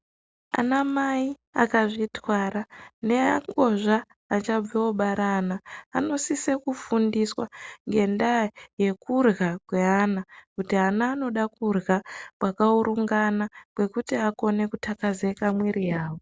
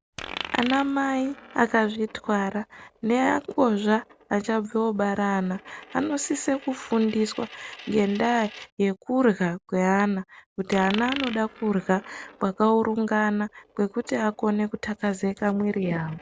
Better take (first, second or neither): first